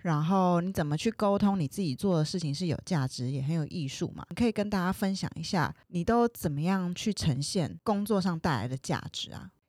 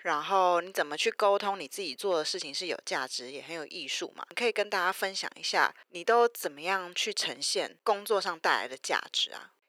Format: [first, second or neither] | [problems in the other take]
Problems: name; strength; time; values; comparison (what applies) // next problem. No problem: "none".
first | thin; very; fading below 400 Hz